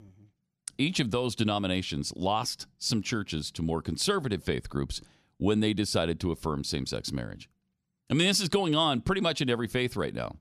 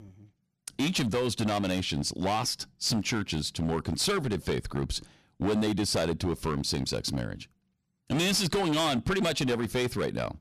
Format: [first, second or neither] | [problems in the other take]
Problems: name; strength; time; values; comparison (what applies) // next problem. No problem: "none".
first | distortion; heavy; 13% of the sound clipped